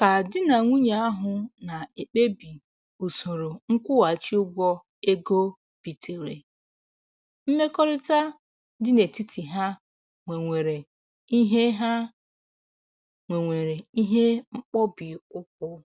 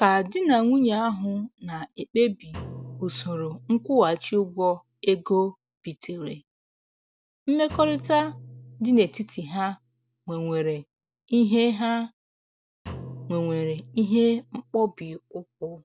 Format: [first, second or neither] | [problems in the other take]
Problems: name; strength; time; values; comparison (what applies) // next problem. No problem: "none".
first | background sound (Drum); 20 dB below the speech